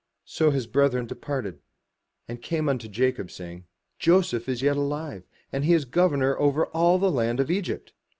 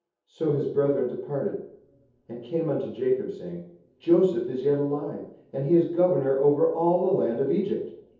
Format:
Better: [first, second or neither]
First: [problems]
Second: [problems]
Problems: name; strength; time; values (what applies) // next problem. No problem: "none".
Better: first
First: none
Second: room echo; dies away in 0.7 s